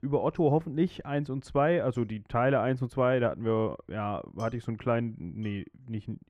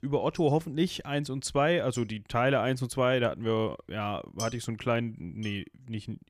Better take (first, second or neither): second